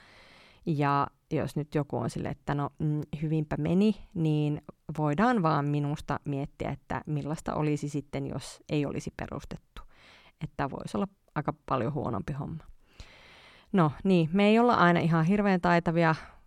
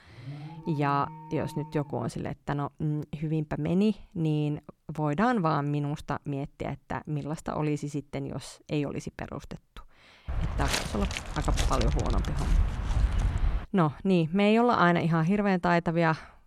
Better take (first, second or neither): first